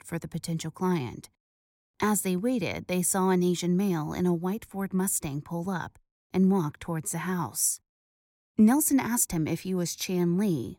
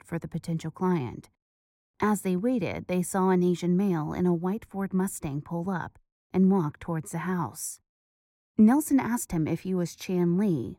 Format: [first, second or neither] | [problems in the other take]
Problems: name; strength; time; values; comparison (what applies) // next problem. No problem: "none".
first | muffled; slightly; fading above 2.5 kHz